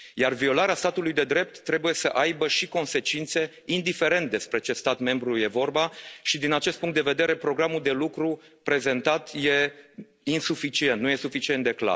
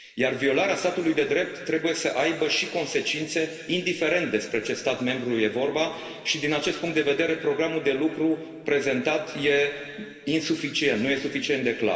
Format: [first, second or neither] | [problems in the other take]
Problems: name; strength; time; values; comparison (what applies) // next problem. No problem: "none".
first | room echo; dies away in 2.4 s